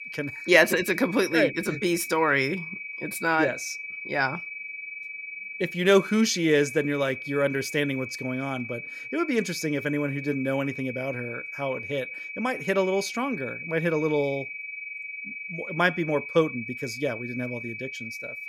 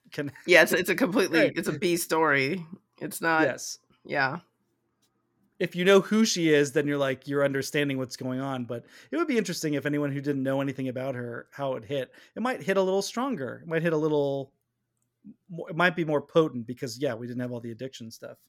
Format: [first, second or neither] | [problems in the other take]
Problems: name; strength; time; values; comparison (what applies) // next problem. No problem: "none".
second | high-pitched whine; loud; throughout; 2.5 kHz, 9 dB below the speech